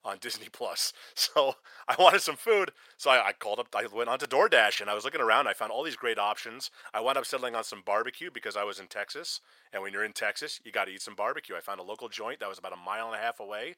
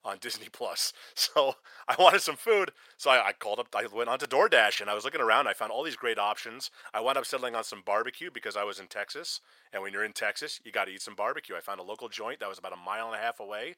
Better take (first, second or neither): neither